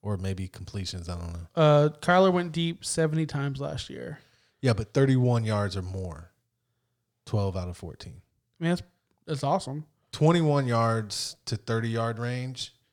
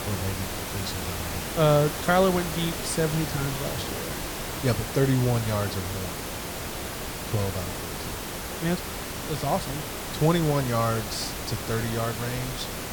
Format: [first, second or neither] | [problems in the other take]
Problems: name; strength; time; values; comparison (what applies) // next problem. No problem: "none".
first | hiss; loud; throughout; 4 dB below the speech